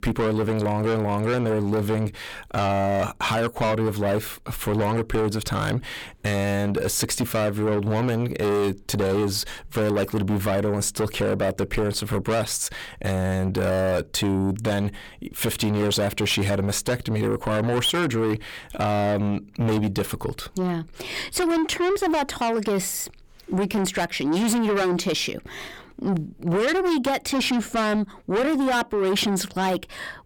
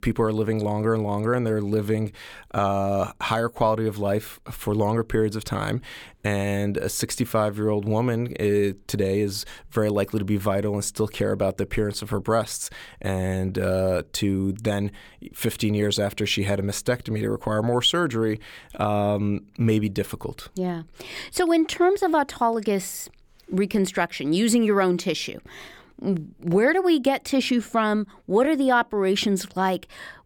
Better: second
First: distortion; heavy; 7 dB below the speech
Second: none

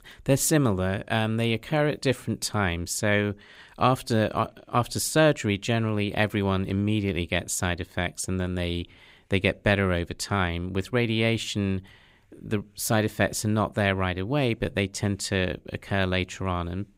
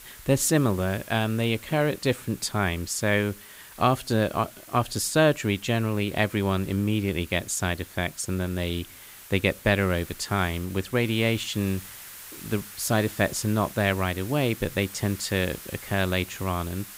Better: first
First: none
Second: hiss; noticeable; throughout; 15 dB below the speech

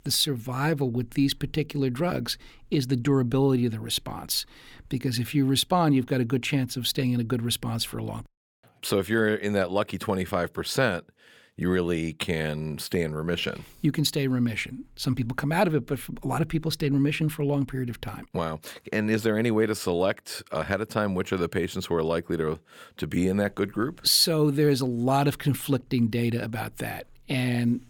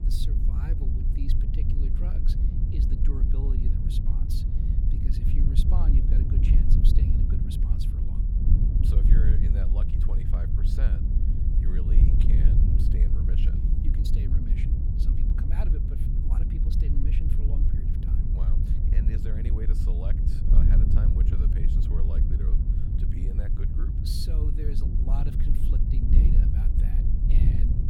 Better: first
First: none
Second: wind noise on the microphone; heavy; 4 dB above the speech

